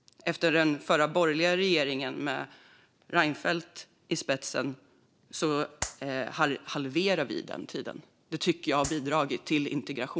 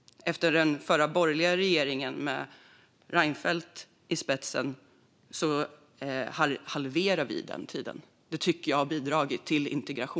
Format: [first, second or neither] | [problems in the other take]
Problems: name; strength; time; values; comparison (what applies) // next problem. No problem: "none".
second | noise reduction (neural separator model SepFormer DNS4)